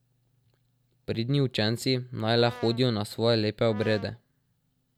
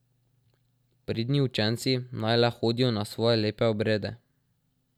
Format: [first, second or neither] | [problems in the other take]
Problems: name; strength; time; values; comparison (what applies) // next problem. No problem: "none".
second | background sound (Brass instrument); 18 dB below the speech